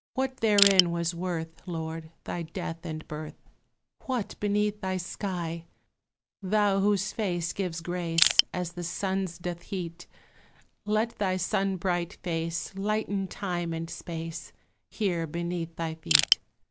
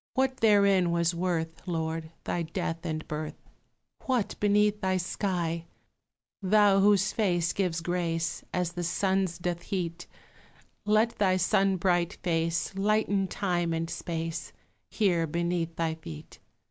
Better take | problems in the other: second | background sound (Crushing); 4 dB above the speech

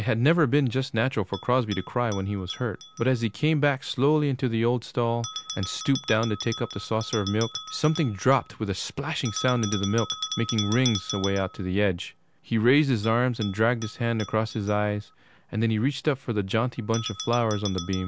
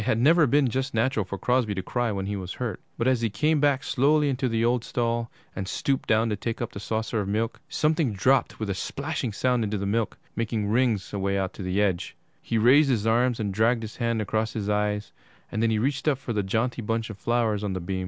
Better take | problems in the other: second | background sound (Bell); 14 dB below the speech

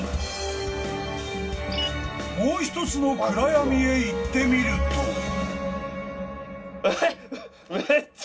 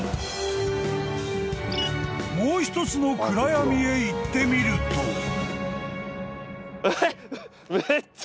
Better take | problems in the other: second | room echo; dies away in 0.2 s

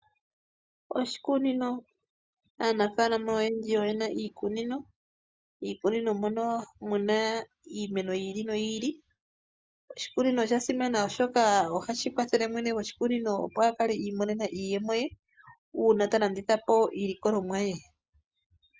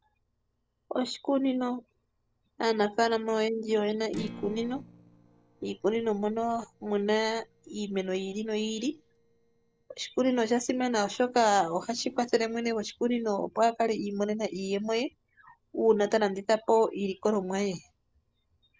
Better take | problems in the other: first | noise reduction (neural separator model SepFormer DNS4)

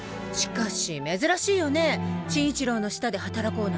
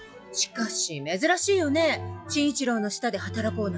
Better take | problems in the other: first | noise reduction (classical method log-MMSE)

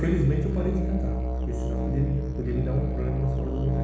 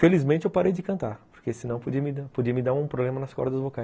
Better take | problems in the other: second | background sound (Musical instrument); as loud as the speech // room echo; dies away in 1.1 s

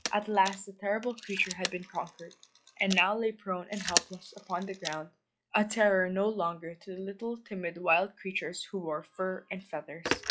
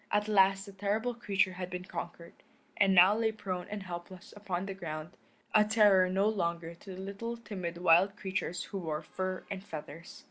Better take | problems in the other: second | noise reduction (classical method log-MMSE)

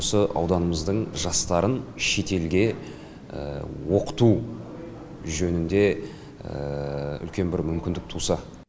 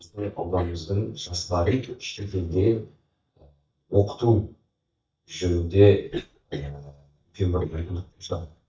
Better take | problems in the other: first | noise reduction (neural mask model DeepFilterNet 3)

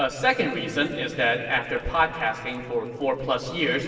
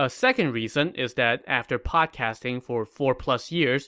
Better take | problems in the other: second | noise reduction (neural separator model SepFormer DNS4)

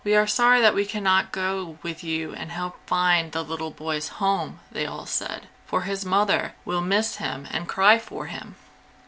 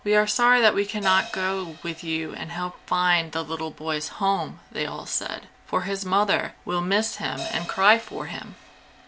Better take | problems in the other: first | background sound (Crash cymbal); 18 dB below the speech

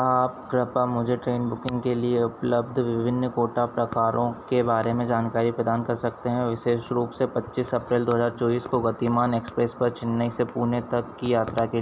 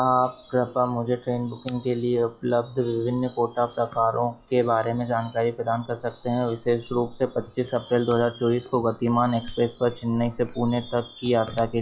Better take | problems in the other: first | noise reduction (classical method log-MMSE)

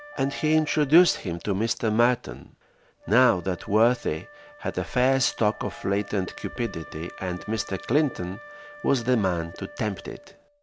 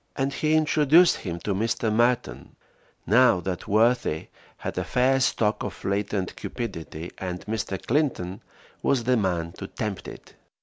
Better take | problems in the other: second | background sound (Wind instrument, woodwind instrument + Piano); 19 dB below the speech

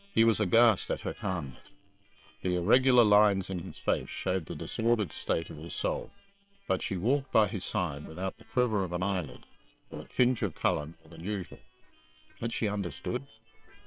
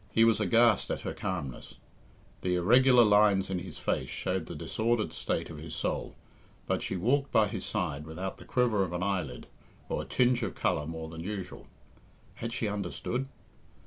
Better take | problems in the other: second | noise reduction (neural separator model SepFormer WHAM!)

